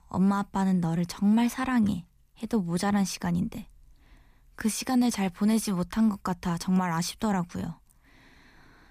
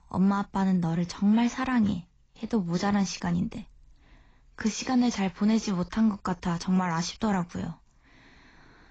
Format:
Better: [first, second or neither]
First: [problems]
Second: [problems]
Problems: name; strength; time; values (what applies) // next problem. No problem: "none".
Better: first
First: none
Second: garbled, watery; badly